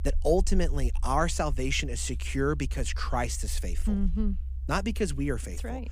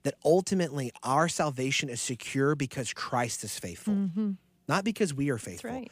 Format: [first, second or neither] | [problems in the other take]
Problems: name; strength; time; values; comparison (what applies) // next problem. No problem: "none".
second | low rumble; faint; throughout; 25 dB below the speech